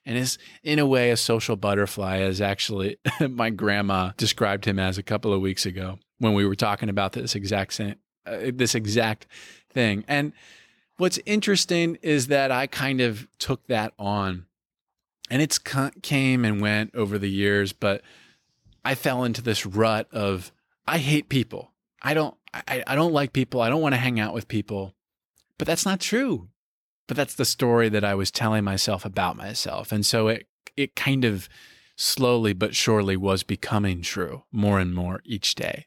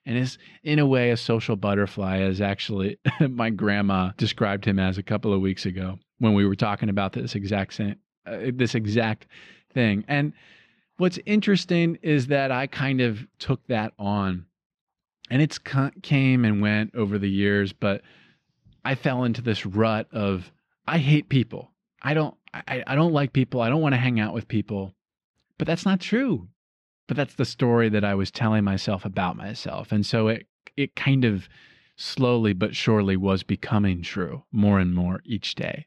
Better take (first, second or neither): first